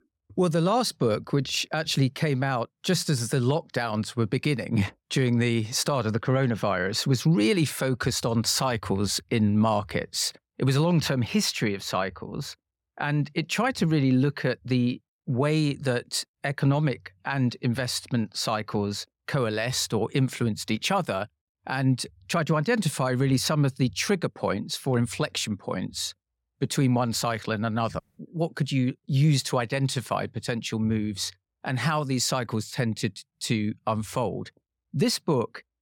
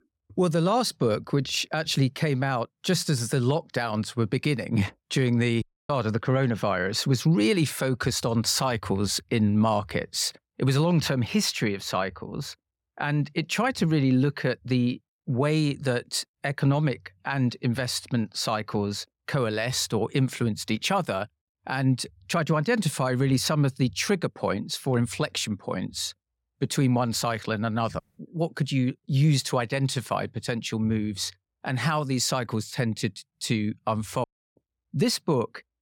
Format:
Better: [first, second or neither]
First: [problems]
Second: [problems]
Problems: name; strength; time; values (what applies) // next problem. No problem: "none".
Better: first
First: none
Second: audio cutting out; at 5.5 s and at 34 s